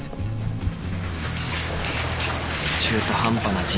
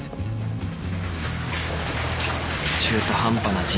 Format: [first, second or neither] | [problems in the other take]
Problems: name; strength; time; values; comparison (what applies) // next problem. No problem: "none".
second | background sound (Camera); 11 dB below the speech